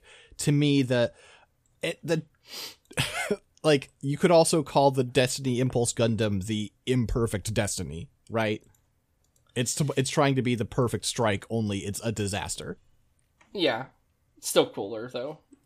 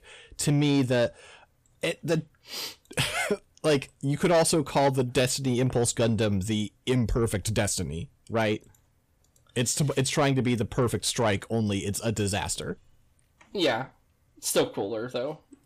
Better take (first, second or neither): first